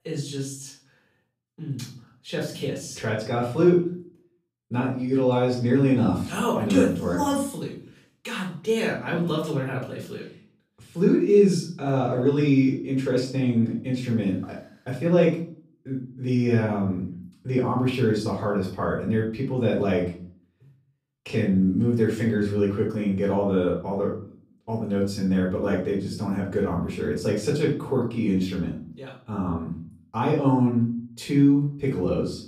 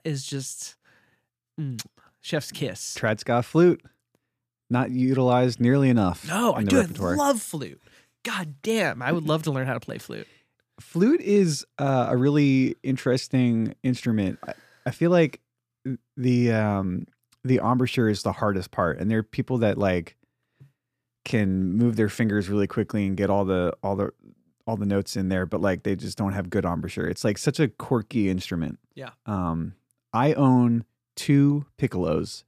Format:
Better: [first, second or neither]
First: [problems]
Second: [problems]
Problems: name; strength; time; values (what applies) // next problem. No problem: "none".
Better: second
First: off-mic speech; far // room echo; noticeable; dies away in 0.4 s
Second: none